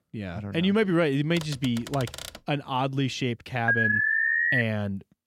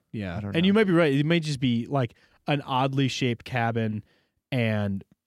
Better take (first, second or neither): second